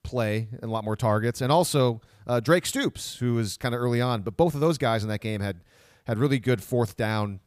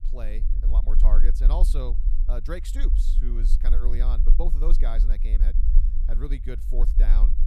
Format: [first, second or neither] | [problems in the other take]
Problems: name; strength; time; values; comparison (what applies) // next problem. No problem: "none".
first | low rumble; loud; throughout; 9 dB below the speech